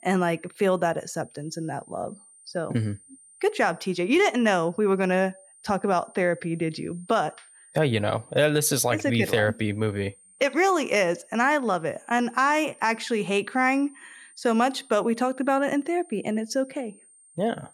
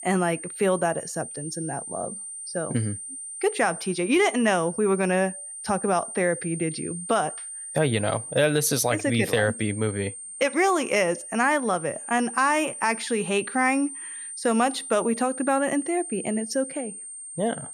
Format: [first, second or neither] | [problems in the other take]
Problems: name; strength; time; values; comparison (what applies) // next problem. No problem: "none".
first | high-pitched whine; loud; throughout; 9 kHz, 9 dB below the speech; faint in the first